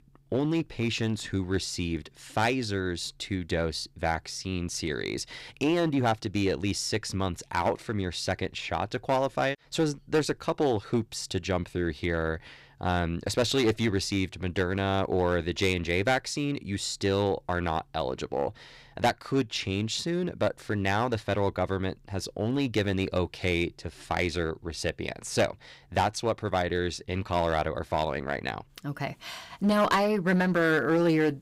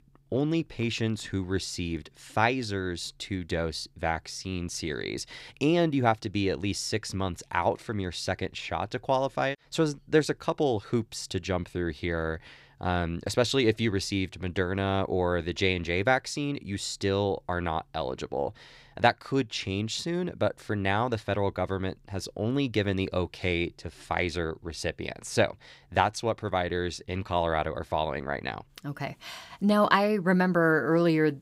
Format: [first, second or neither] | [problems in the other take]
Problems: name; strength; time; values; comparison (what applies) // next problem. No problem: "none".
second | distortion; slight; 5% of the sound clipped